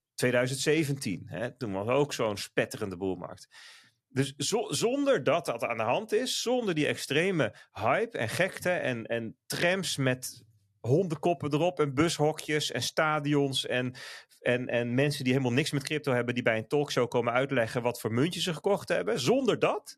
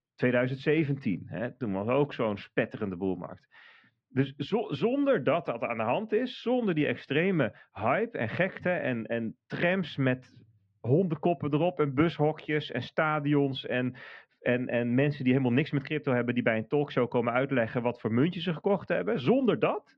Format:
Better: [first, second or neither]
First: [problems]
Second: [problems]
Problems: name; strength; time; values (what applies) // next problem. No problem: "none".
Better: first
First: none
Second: muffled; very; fading above 3 kHz